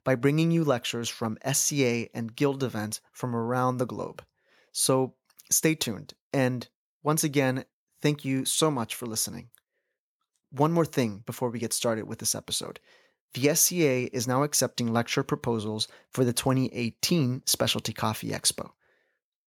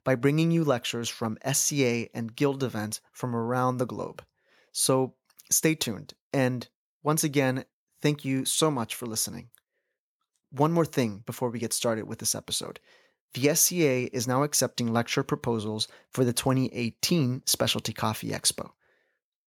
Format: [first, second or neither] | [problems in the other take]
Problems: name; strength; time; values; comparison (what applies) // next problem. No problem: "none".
neither | none